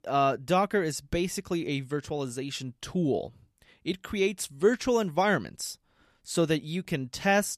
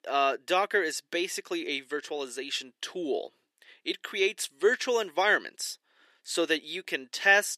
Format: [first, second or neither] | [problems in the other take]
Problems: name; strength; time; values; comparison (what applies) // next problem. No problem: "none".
first | thin; very; fading below 350 Hz